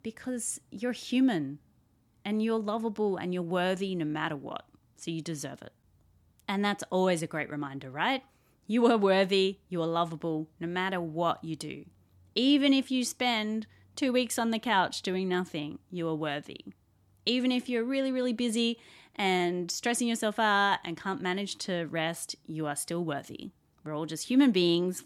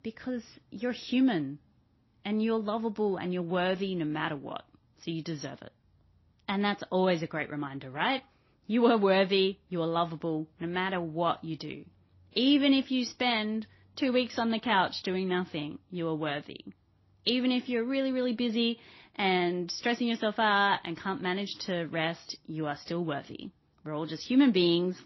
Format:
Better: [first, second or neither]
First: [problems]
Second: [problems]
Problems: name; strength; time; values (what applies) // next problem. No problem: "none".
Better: first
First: none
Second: garbled, watery; slightly; nothing above 5.5 kHz